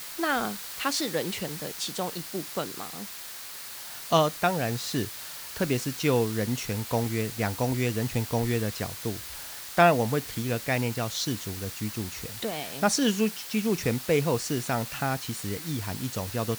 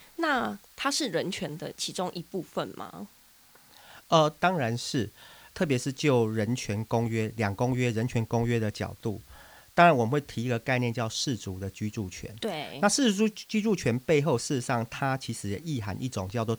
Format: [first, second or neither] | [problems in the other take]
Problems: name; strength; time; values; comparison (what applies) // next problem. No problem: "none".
second | hiss; loud; throughout; 7 dB below the speech; faint in the second